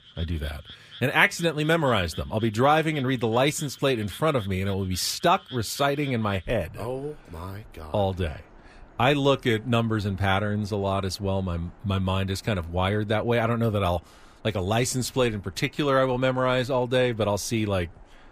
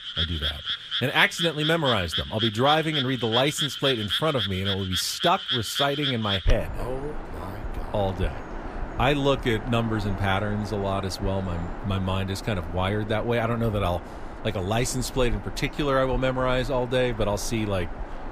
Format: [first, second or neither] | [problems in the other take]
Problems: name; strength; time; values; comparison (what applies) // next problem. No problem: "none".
first | animal sounds; loud; throughout; 5 dB below the speech; faint in the first